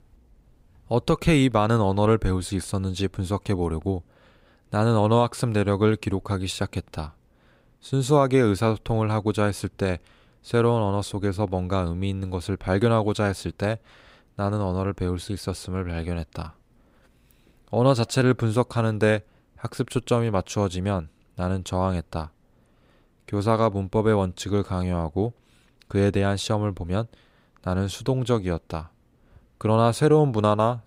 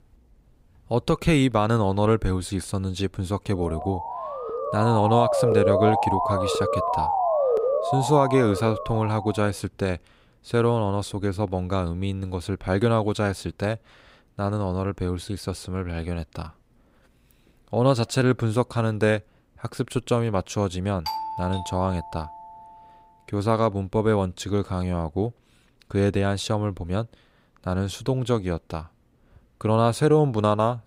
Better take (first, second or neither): first